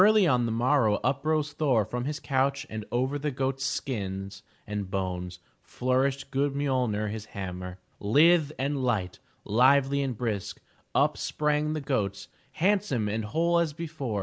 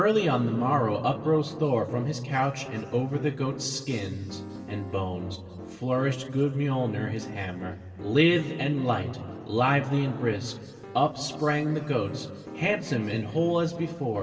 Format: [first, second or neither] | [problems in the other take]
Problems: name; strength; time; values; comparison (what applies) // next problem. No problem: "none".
first | background sound (Piano); 16 dB below the speech // room echo; dies away in 2.4 s